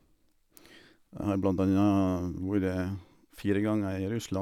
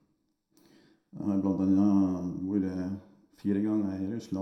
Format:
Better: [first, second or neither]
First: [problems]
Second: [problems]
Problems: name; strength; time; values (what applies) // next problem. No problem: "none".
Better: first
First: none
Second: room echo; dies away in 0.6 s